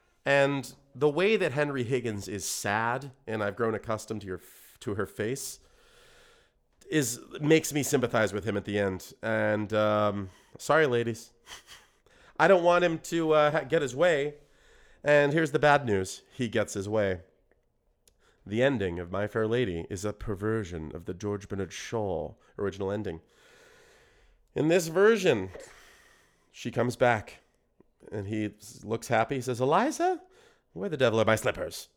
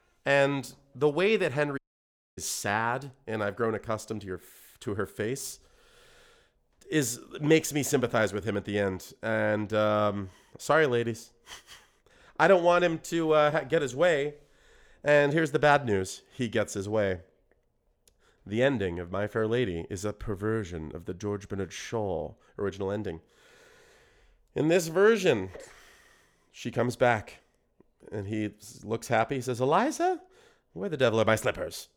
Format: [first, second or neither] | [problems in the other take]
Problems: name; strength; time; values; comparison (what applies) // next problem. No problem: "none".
first | audio cutting out; at 2 s for 0.5 s